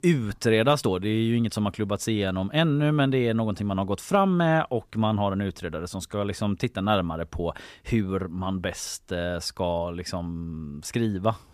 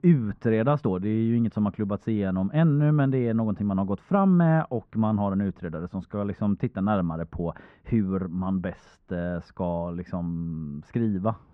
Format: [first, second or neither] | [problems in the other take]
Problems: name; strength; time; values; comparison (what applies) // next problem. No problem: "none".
first | muffled; very; fading above 1.5 kHz